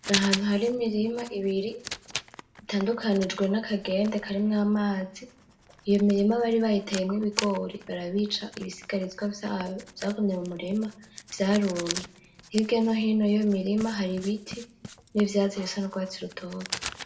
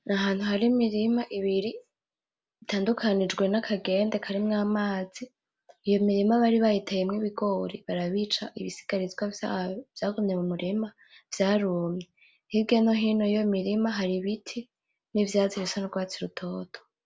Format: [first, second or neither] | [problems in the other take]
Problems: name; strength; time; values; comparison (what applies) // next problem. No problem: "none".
second | background sound (Writing); 13 dB below the speech // room echo; dies away in 0.5 s